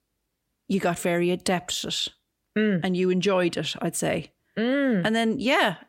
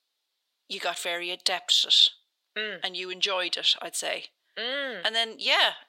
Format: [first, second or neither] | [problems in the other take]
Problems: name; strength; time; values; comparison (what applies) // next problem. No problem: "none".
first | thin; very; fading below 750 Hz